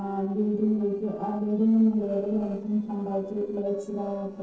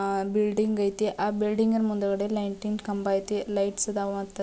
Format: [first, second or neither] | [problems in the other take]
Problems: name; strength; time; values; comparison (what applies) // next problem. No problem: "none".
second | noise reduction (neural separator model SepFormer DNS4)